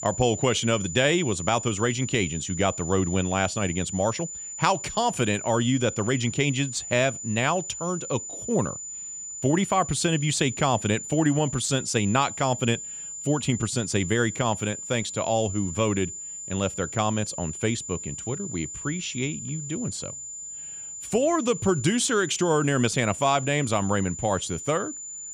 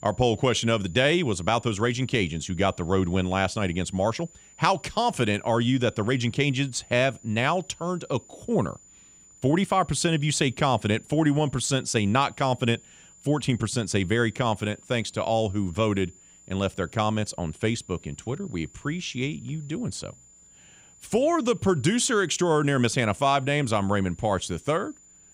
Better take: second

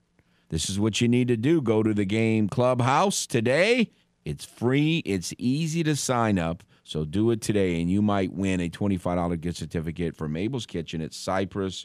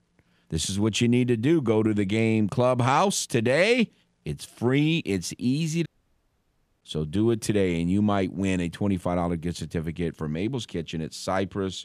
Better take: first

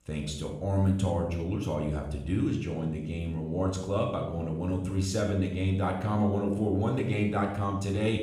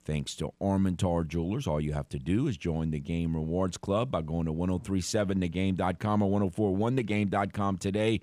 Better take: second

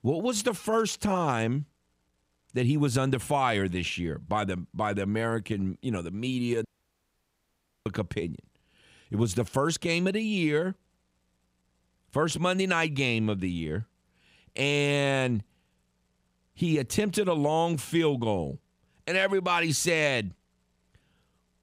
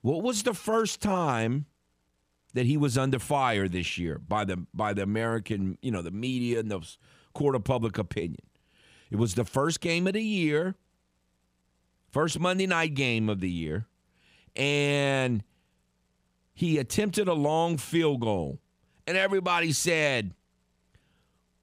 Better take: second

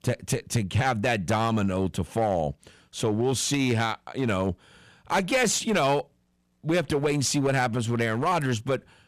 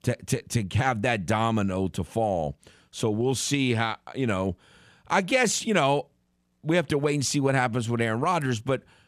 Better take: second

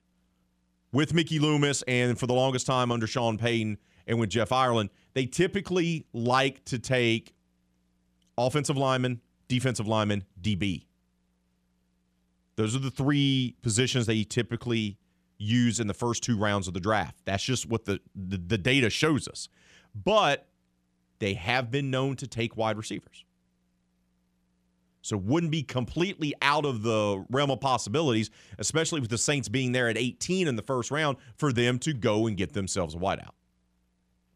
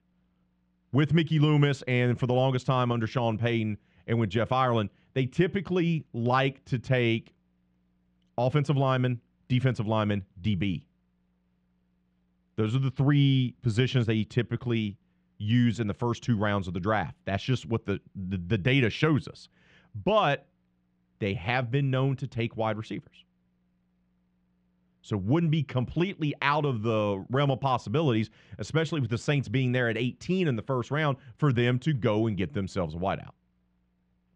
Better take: first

